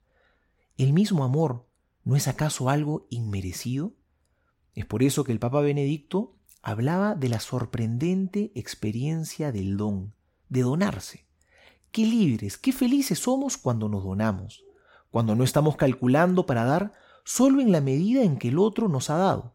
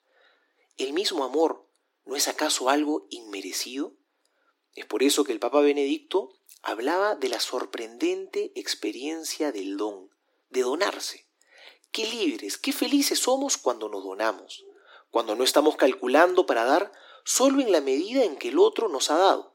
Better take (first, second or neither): first